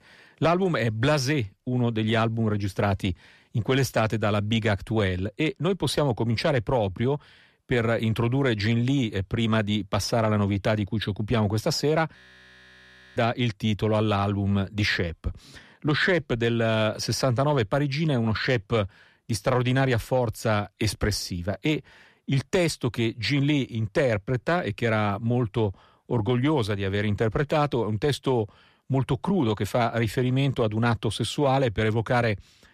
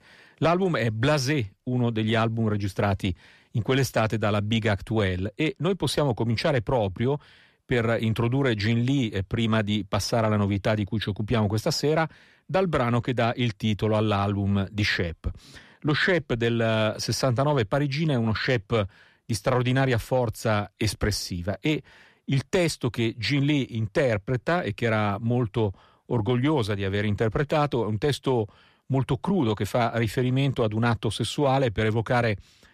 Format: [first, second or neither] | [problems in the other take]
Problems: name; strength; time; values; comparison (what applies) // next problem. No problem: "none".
second | audio freezing; at 12 s for 1 s